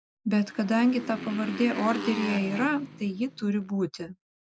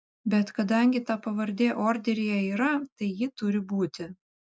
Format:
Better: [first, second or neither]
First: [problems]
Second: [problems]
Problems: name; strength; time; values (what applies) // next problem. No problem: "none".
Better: second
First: background sound (Motorcycle); 10 dB below the speech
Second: none